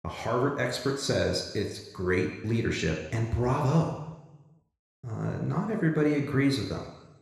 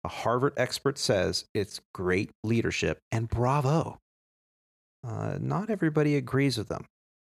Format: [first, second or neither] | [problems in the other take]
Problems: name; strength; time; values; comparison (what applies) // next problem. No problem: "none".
second | room echo; noticeable; dies away in 1 s